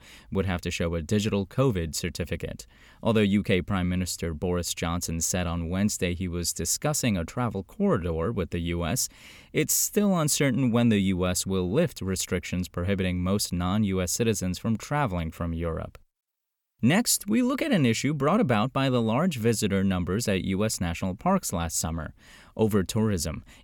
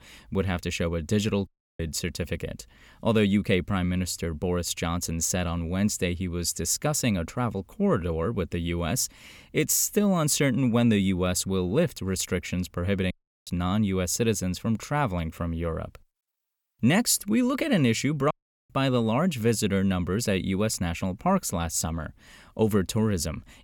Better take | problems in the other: first | audio cutting out; at 1.5 s, at 13 s and at 18 s

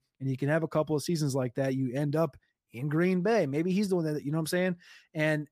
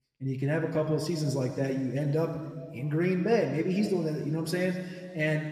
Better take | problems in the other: first | room echo; slight; dies away in 2 s

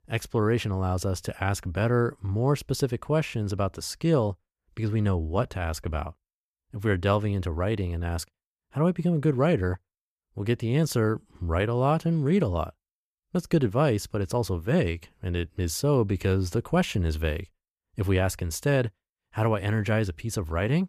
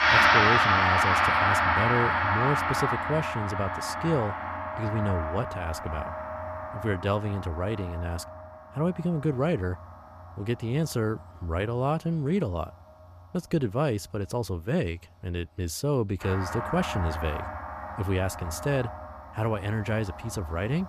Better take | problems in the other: first | background music; very loud; throughout; 4 dB above the speech

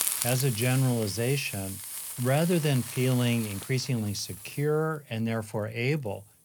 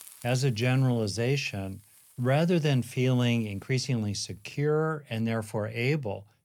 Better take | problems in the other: second | hiss; loud; throughout; 7 dB below the speech; faint in the second

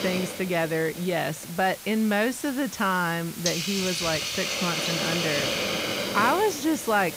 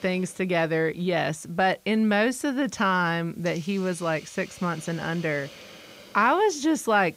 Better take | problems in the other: second | hiss; loud; throughout; 3 dB below the speech; faint in the second

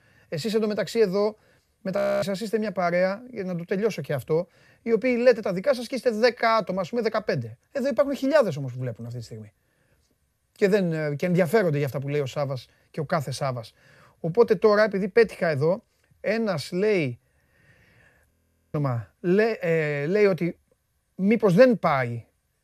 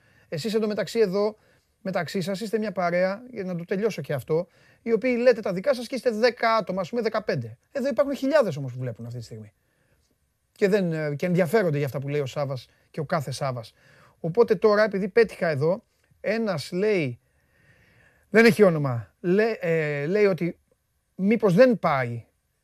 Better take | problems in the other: second | audio freezing; at 2 s and at 18 s

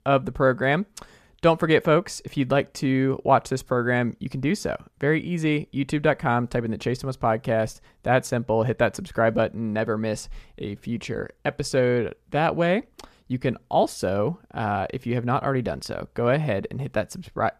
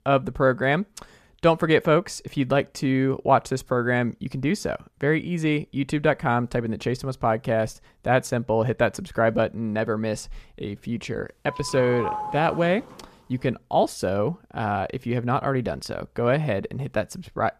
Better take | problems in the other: first | doorbell; noticeable; from 11 to 13 s; peak 5 dB below the speech

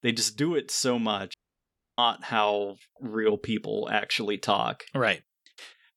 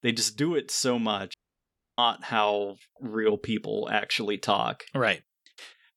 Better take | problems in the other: neither | audio cutting out; at 1.5 s for 0.5 s; the same in both

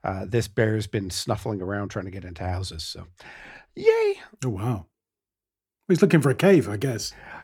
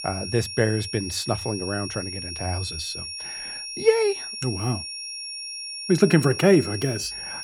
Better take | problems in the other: first | high-pitched whine; loud; throughout; 5.5 kHz, 7 dB below the speech

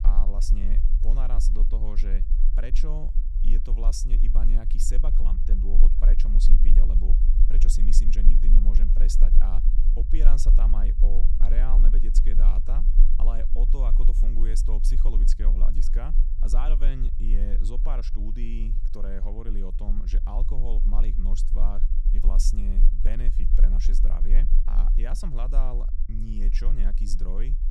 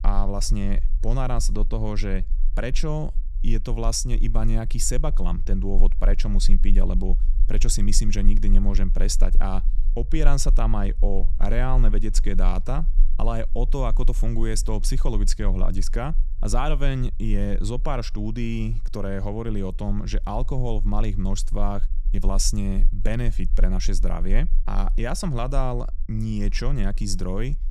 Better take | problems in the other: second | low rumble; loud; throughout; 8 dB below the speech; faint in the second

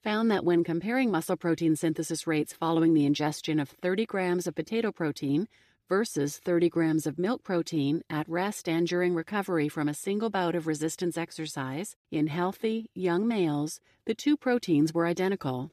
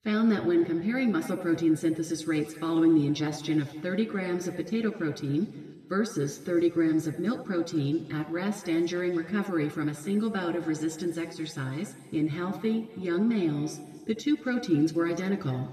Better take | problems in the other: first | room echo; slight; dies away in 1.8 s

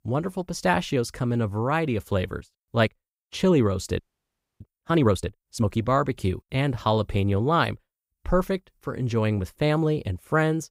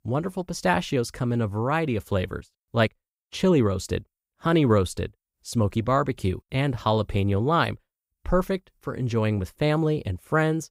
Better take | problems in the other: second | audio freezing; at 4 s for 0.5 s

